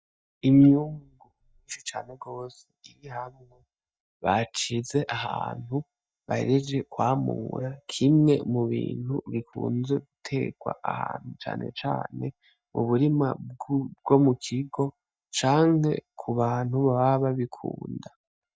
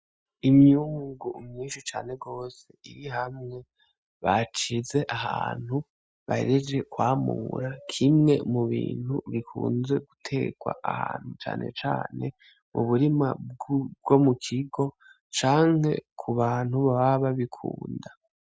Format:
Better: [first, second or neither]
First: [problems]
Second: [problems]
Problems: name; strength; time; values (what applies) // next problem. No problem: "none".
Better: second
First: noise reduction (neural mask model DeepFilterNet 3)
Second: none